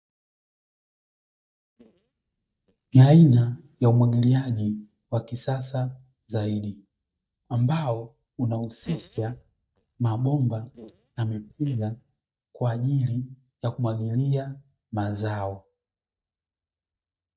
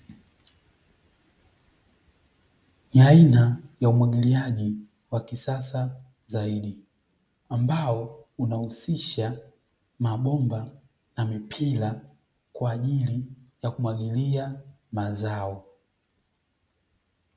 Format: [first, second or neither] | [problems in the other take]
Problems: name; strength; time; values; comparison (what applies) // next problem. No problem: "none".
second | noise reduction (neural mask model DeepFilterNet 3)